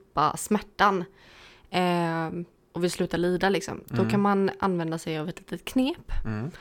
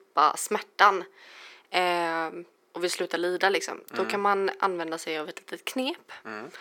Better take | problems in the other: first | thin; very; fading below 350 Hz

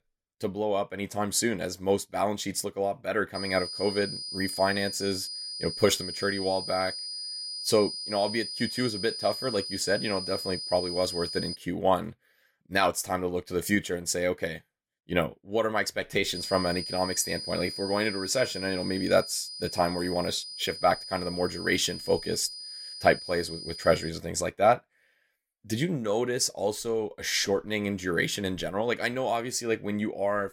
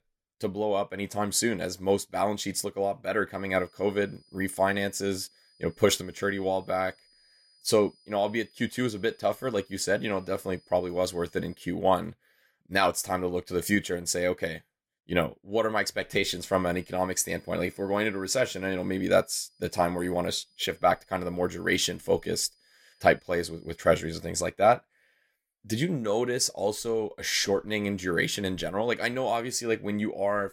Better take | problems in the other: second | high-pitched whine; loud; from 3.5 to 12 s and from 16 to 24 s; 5 kHz, 7 dB below the speech; faint in the second

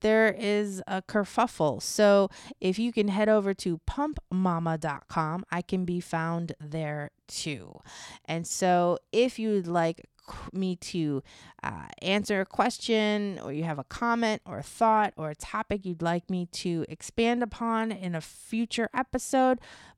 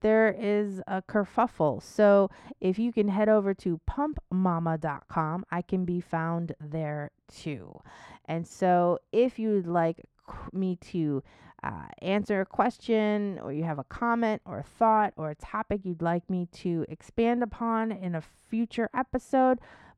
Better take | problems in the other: first | muffled; very; fading above 2.5 kHz

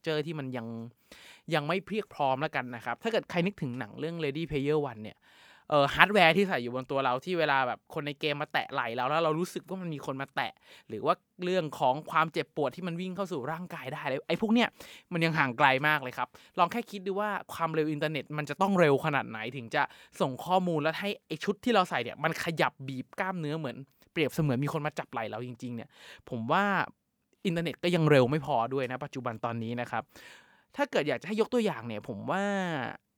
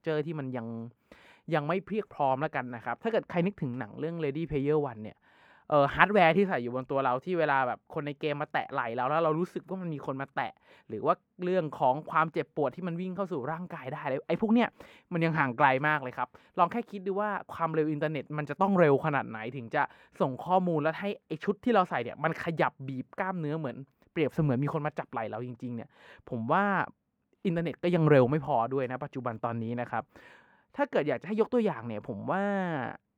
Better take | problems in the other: first | muffled; slightly; fading above 3 kHz

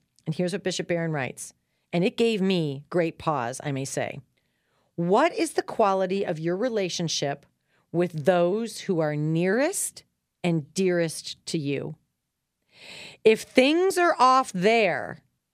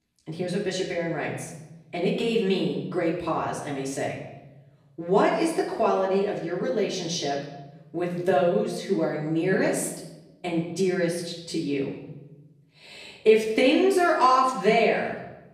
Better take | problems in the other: first | off-mic speech; far // room echo; noticeable; dies away in 0.9 s

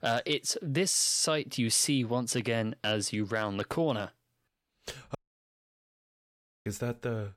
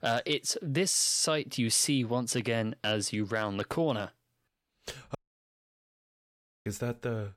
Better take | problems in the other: neither | audio cutting out; at 5 s for 1.5 s; the same in both

